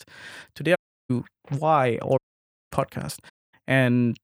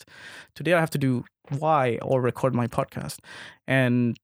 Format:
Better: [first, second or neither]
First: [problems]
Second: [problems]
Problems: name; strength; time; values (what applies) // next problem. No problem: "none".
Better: second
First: audio cutting out; at 1 s, at 2 s for 0.5 s and at 3.5 s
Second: none